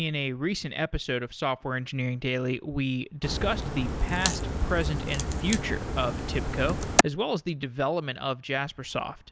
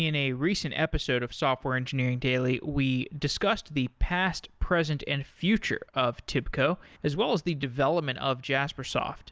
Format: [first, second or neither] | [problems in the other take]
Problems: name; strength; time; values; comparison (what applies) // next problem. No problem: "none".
second | background sound (Crack); 1 dB above the speech